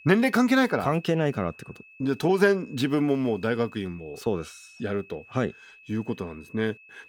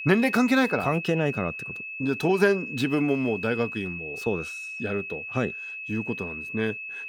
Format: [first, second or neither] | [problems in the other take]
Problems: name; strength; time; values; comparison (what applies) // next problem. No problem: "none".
first | high-pitched whine; loud; throughout; 2.5 kHz, 7 dB below the speech; faint in the first